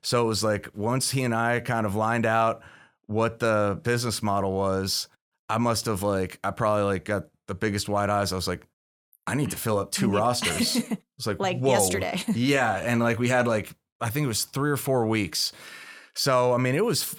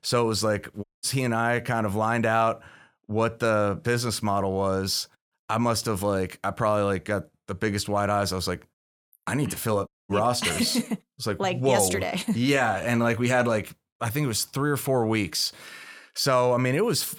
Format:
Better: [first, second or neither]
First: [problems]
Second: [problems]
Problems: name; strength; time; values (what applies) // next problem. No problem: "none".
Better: first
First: none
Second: audio cutting out; at 1 s and at 10 s